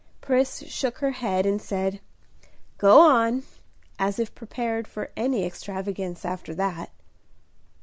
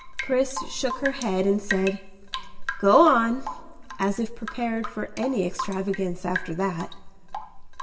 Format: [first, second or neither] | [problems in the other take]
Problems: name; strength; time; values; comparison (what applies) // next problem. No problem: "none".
first | background sound (Drip / Rain); 11 dB below the speech // room echo; dies away in 2 s